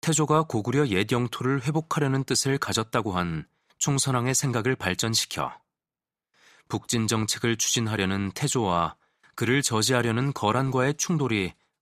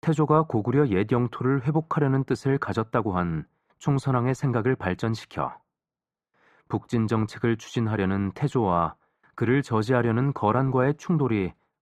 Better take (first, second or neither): first